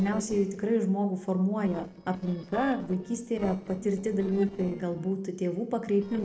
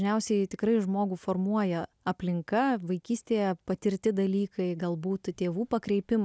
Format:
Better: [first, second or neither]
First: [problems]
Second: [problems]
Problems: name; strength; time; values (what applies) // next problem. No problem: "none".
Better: second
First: noise reduction (neural separator model SepFormer DNS4)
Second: none